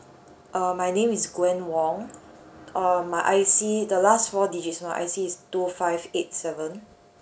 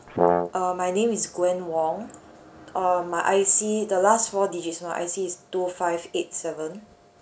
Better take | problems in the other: first | background sound (Brass instrument); 2 dB above the speech

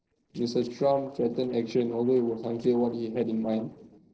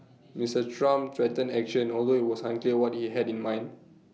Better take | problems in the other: second | noise reduction (neural separator model SepFormer DNS4)

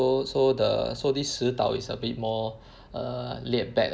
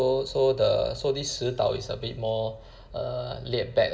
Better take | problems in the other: first | room echo; dies away in 0.9 s

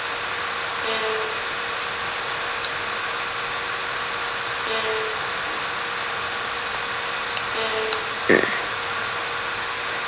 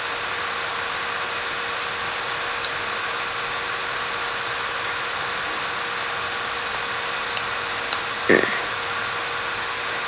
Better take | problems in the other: second | background sound (Bowed string instrument); 9 dB below the speech

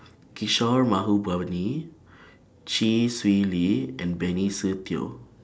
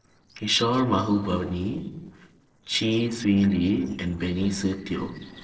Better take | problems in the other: first | noise reduction (neural separator model SepFormer DNS4)

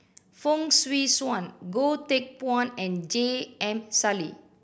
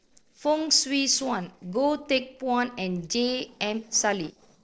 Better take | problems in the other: first | noise reduction (neural separator model SepFormer DNS4)

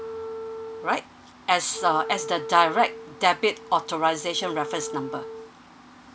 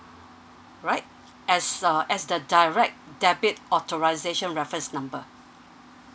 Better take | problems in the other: second | background sound (Wind instrument, woodwind instrument); 11 dB below the speech

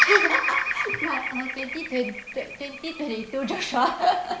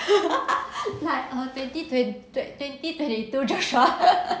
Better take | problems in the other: second | background sound (Bird vocalization, bird call, bird song); as loud as the speech

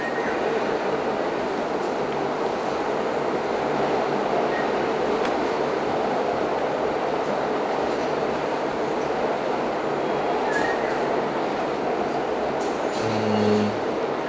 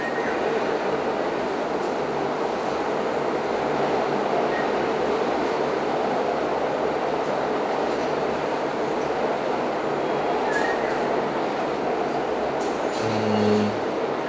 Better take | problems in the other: second | background sound (Run); 19 dB below the speech

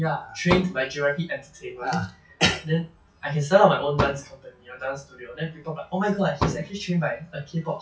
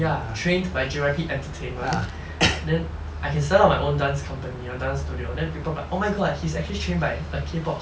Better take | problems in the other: second | noise reduction (classical method WPE with log-MMSE)

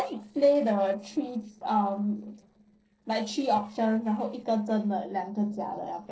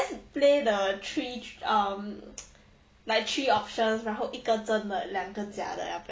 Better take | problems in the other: second | noise reduction (neural separator model SepFormer DNS4)

